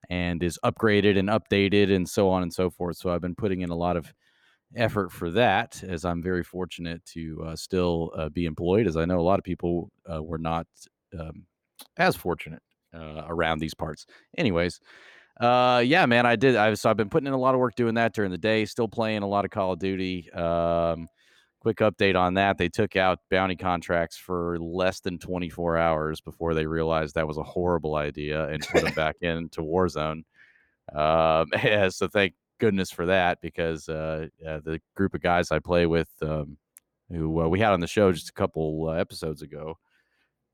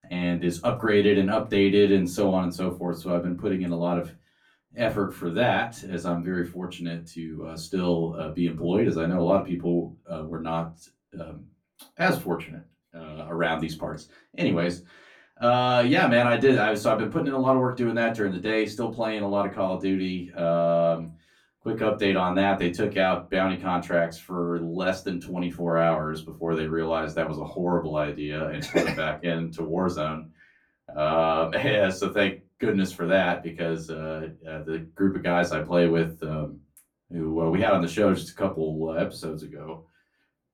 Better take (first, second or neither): first